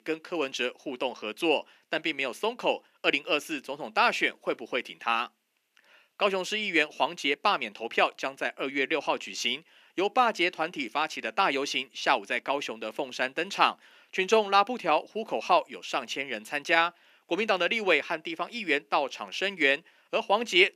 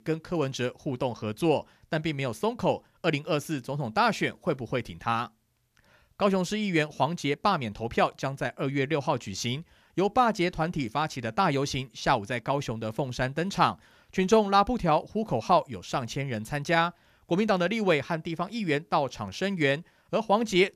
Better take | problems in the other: second | thin; somewhat; fading below 250 Hz

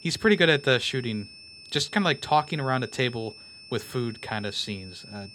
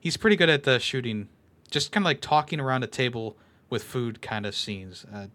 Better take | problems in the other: second | high-pitched whine; noticeable; throughout; 5.5 kHz, 20 dB below the speech

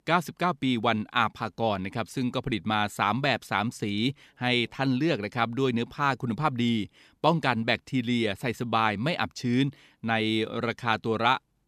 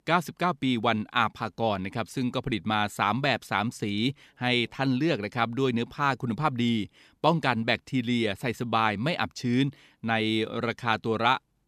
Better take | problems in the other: neither | none

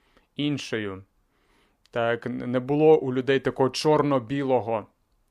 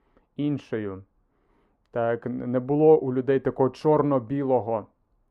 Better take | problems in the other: first | muffled; very; fading above 2 kHz

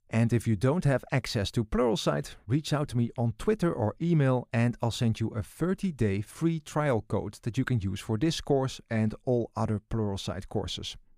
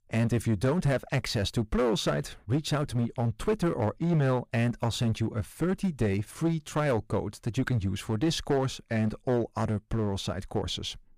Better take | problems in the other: first | distortion; slight; 8% of the sound clipped

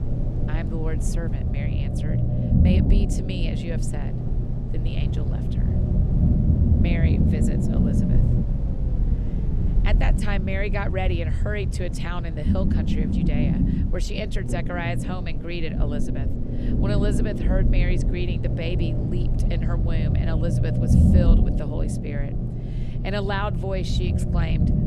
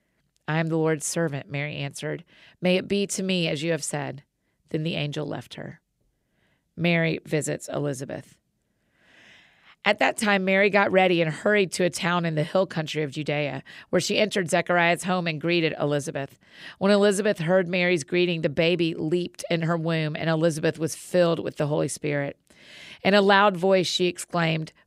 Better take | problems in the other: second | low rumble; loud; throughout; 1 dB below the speech

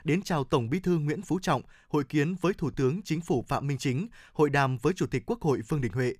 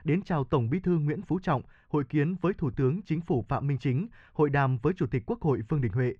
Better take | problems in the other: first | muffled; very; fading above 2.5 kHz

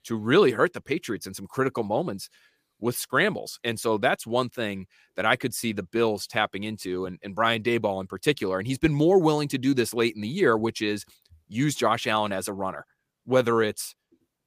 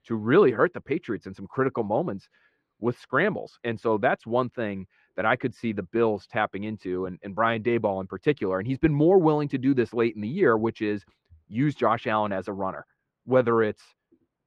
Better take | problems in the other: first | muffled; very; fading above 2 kHz

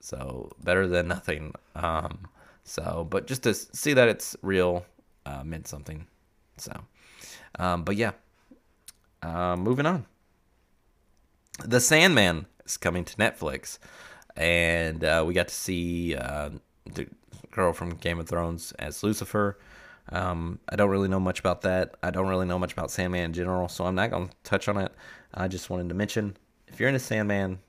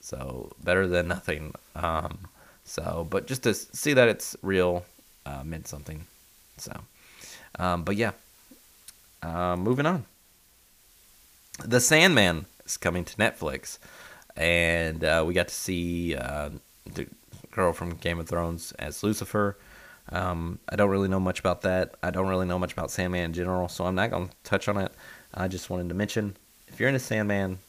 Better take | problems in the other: first | hiss; faint; throughout; 30 dB below the speech

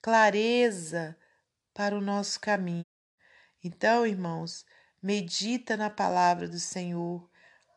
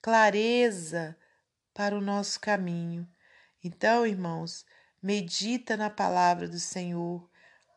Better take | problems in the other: second | audio cutting out; at 3 s

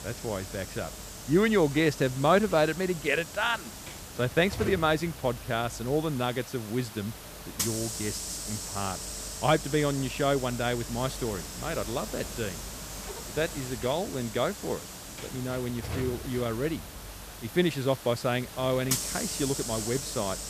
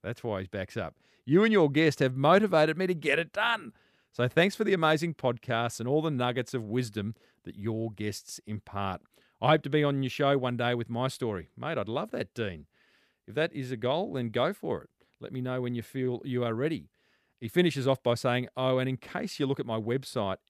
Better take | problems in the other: second | hiss; loud; throughout; 8 dB below the speech

